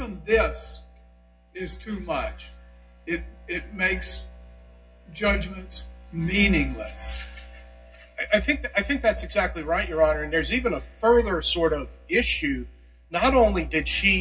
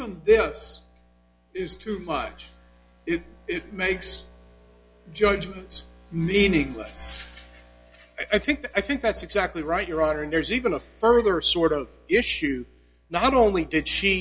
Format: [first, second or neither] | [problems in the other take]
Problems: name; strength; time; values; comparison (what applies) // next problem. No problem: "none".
second | room echo; dies away in 0.4 s